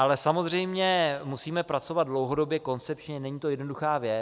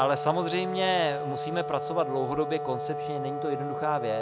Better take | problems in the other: first | background sound (Wind instrument, woodwind instrument); 4 dB below the speech

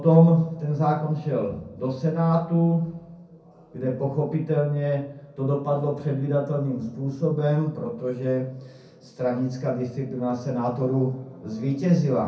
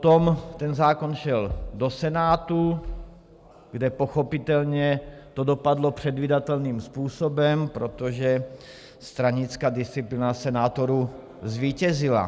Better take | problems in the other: second | room echo; dies away in 0.6 s

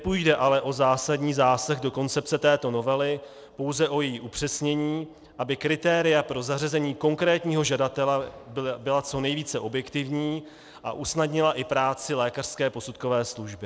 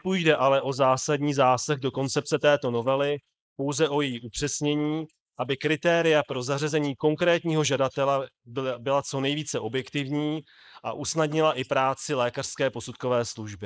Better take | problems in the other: first | noise reduction (neural mask model Resemble Enhance denoiser)

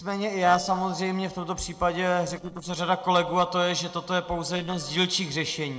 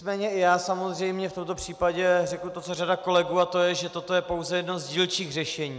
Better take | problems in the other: second | noise reduction (neural separator model SepFormer DNS4)

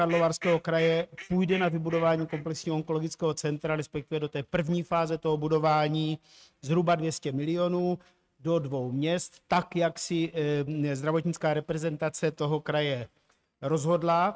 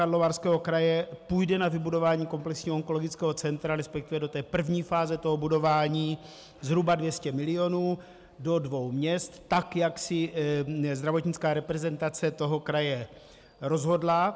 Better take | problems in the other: second | noise reduction (neural mask model RNNoise)

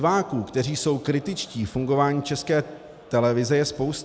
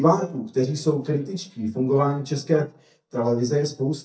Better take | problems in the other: first | noise reduction (neural mask model DeepFilterNet 3)

